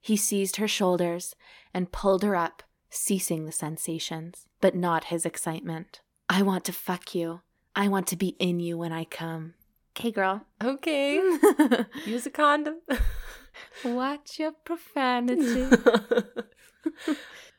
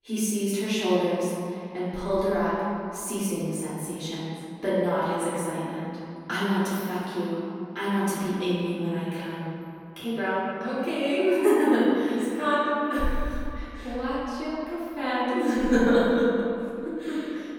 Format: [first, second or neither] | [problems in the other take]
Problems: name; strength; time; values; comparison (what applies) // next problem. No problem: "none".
first | off-mic speech; far // room echo; strong; dies away in 2.4 s